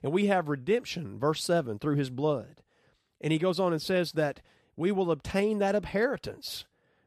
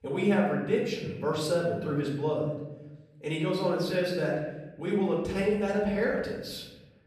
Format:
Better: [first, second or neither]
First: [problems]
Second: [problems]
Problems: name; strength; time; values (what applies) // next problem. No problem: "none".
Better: first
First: none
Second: off-mic speech; far // room echo; noticeable; dies away in 1 s